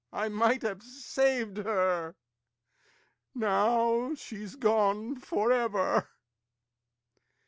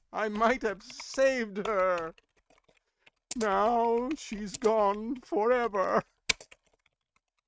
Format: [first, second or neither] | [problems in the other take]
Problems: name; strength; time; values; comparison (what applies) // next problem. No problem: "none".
first | noise reduction (neural mask model RNNoise)